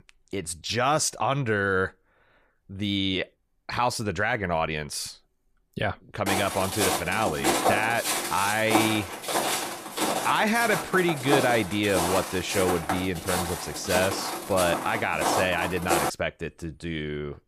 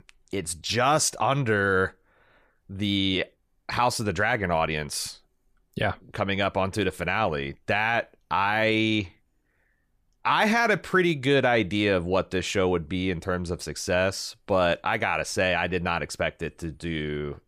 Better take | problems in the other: second | footsteps; loud; from 6.5 to 16 s; peak 4 dB above the speech

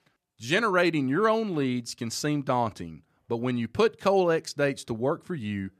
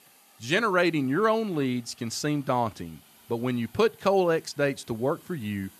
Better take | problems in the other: first | hiss; faint; throughout; 25 dB below the speech

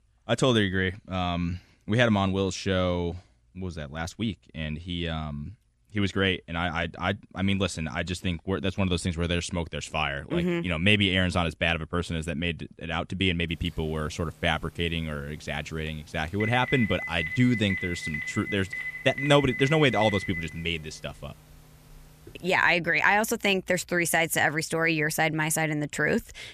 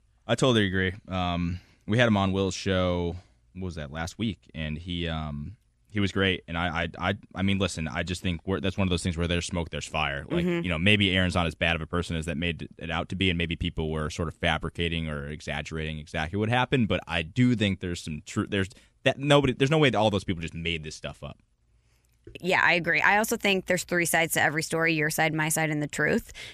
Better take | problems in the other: second | phone ringing; noticeable; from 16 to 23 s; peak 4 dB below the speech

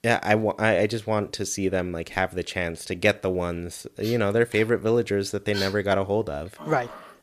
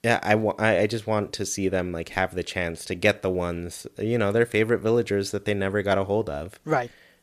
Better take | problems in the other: second | dog barking; noticeable; from 4 s on; peak 7 dB below the speech

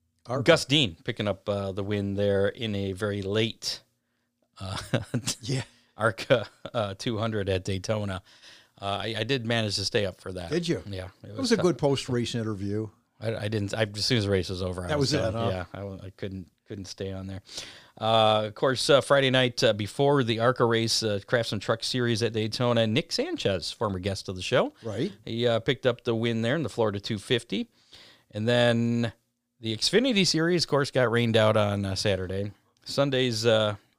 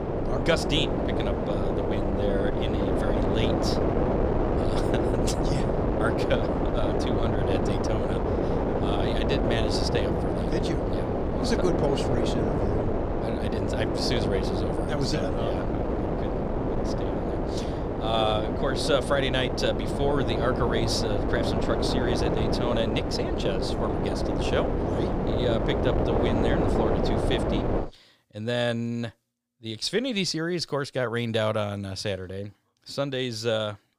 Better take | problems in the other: first | wind noise on the microphone; heavy; until 28 s; 1 dB above the speech

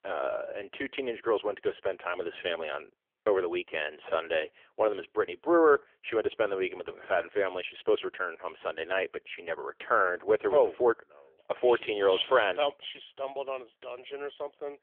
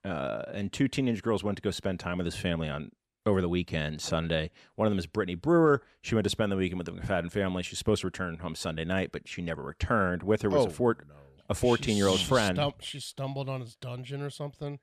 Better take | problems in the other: second | phone-call audio; poor line; nothing above 3.5 kHz

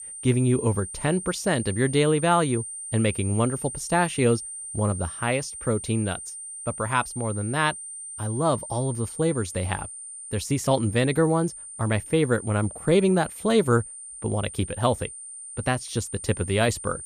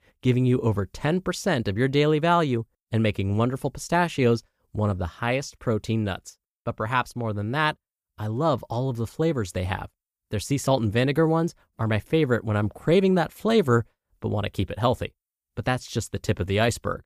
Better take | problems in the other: second | high-pitched whine; loud; throughout; 9 kHz, 10 dB below the speech

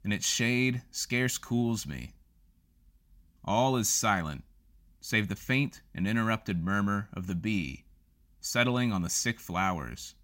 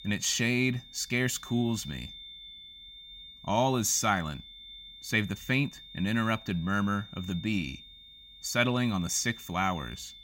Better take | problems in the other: first | high-pitched whine; noticeable; throughout; 3.5 kHz, 15 dB below the speech

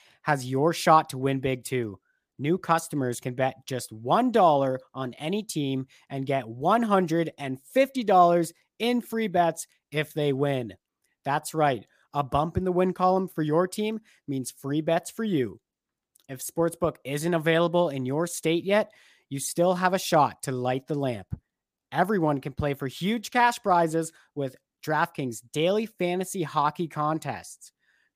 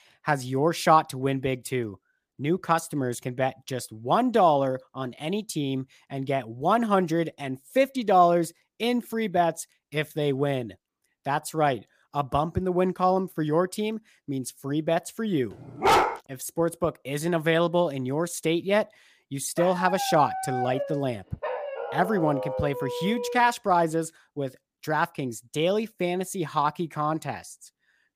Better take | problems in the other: first | dog barking; loud; at 16 s; peak 5 dB above the speech // dog barking; noticeable; from 20 to 24 s; peak 4 dB below the speech

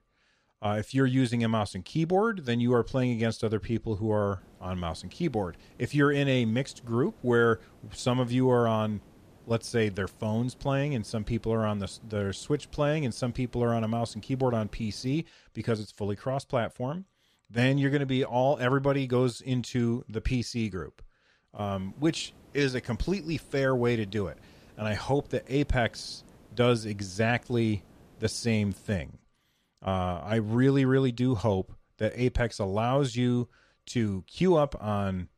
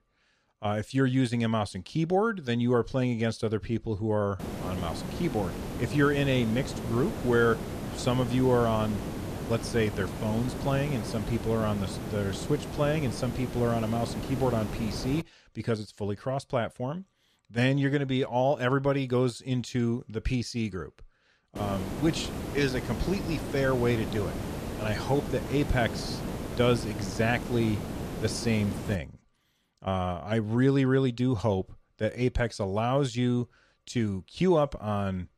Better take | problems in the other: first | hiss; loud; from 4.5 to 15 s and from 22 to 29 s; 7 dB below the speech; faint in the first

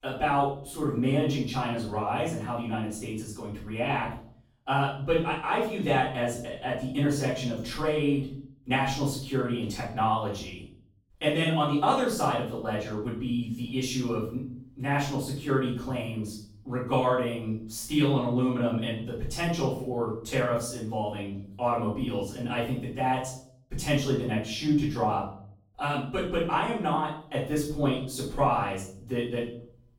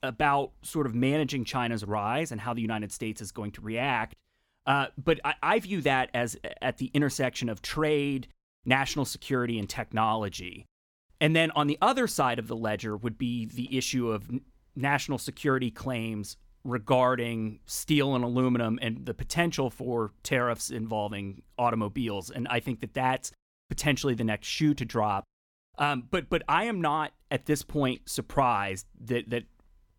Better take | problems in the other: second | room echo; noticeable; dies away in 0.5 s // off-mic speech; far

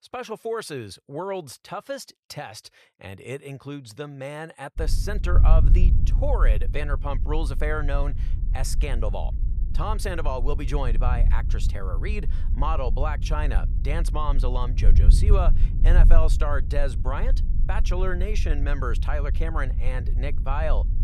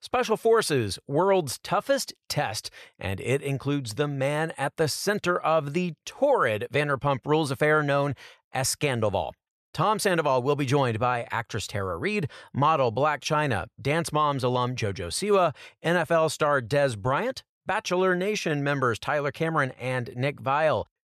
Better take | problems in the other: second | wind noise on the microphone; occasional gusts; from 5 s on; 10 dB below the speech

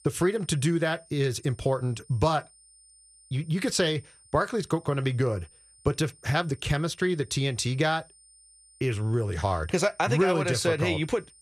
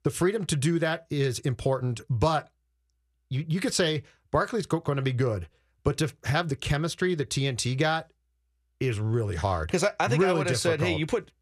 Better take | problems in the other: second | high-pitched whine; faint; throughout; 9 kHz, 25 dB below the speech

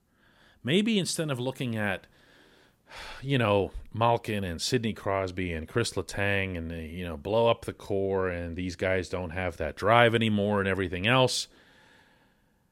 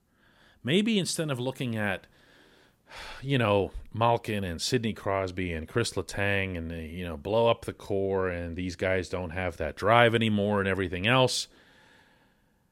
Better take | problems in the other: neither | none

